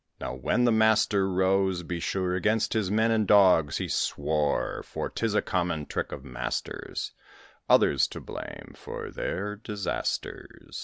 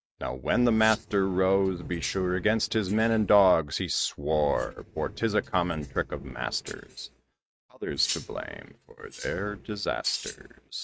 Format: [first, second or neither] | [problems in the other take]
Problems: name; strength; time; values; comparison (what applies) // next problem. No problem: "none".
first | noise reduction (neural mask model RNNoise)